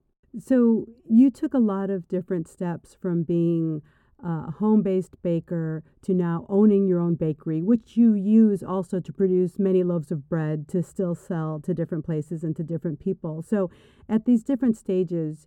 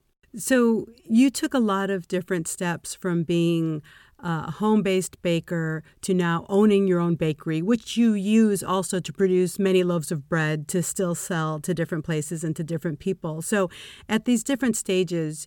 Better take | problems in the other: second | muffled; very; fading above 1.5 kHz

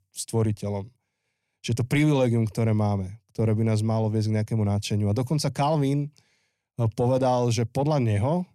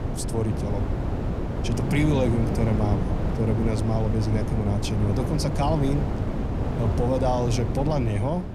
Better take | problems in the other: first | wind noise on the microphone; heavy; 4 dB below the speech

